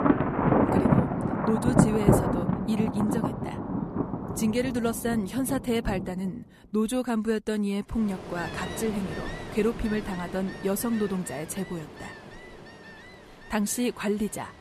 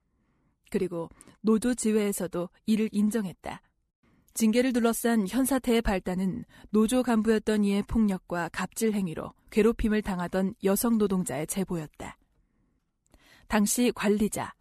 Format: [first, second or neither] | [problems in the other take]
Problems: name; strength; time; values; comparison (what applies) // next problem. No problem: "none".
second | rain or running water; very loud; throughout; 1 dB above the speech